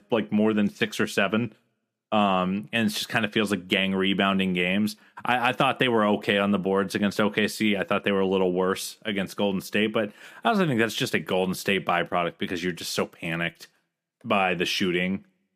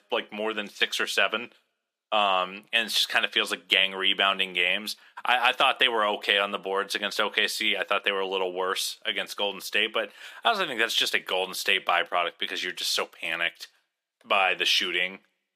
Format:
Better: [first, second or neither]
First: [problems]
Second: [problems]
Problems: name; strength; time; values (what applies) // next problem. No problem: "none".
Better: first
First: none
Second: thin; very; fading below 600 Hz